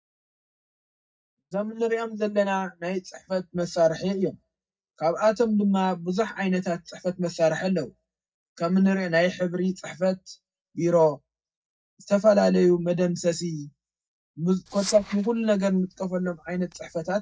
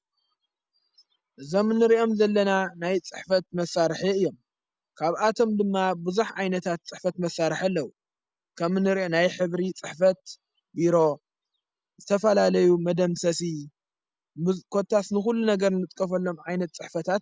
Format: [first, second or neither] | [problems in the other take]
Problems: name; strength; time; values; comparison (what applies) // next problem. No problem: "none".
second | noise reduction (neural mask model DeepFilterNet 3)